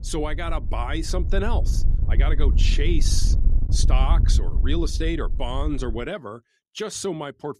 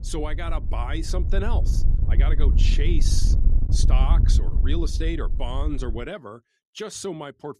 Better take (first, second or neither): first